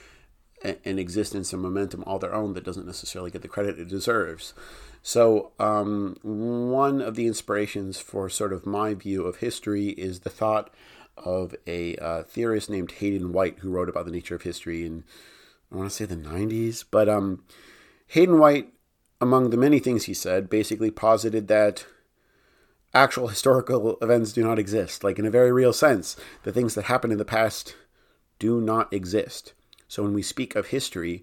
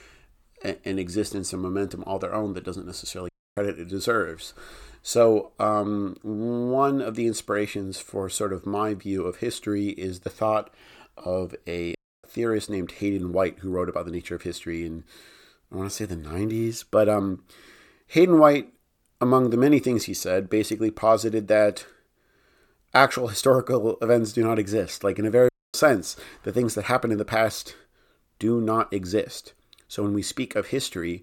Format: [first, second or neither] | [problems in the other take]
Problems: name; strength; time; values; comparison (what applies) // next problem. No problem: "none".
first | audio cutting out; at 3.5 s, at 12 s and at 25 s